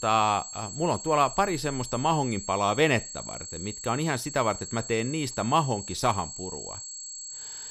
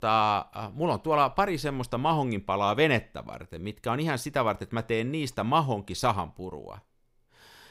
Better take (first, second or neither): second